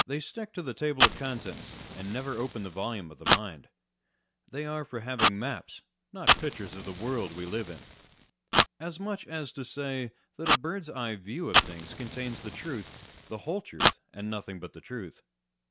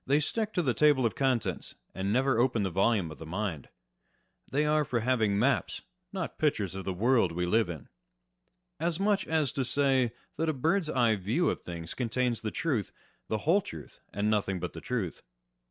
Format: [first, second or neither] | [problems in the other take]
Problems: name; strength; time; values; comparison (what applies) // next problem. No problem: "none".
second | background sound (Fire); 3 dB above the speech